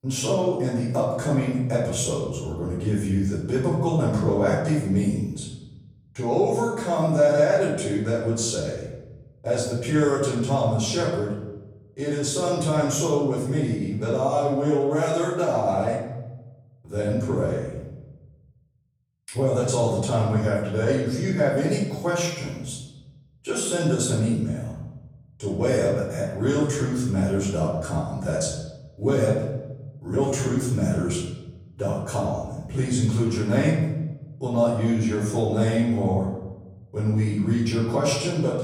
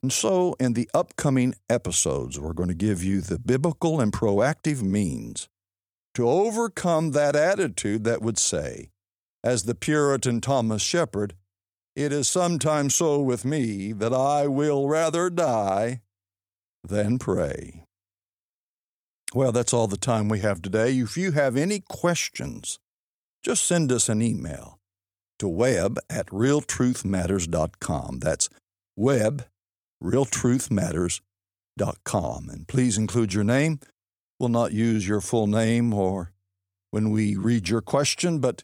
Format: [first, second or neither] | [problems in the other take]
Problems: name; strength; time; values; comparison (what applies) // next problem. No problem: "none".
second | off-mic speech; far // room echo; noticeable; dies away in 1.1 s